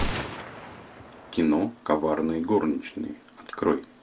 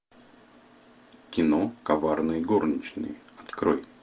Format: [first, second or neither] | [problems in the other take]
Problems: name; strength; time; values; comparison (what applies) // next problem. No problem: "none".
second | background sound (Gunshot, gunfire); 10 dB below the speech